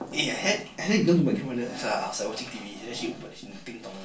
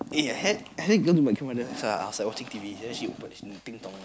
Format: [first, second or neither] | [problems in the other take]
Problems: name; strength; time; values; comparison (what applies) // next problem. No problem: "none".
second | room echo; dies away in 0.3 s